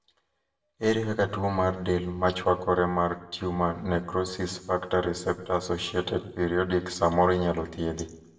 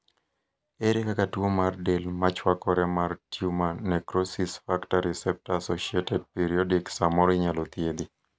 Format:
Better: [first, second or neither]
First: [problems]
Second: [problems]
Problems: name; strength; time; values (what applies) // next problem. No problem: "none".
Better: second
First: room echo; dies away in 0.7 s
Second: none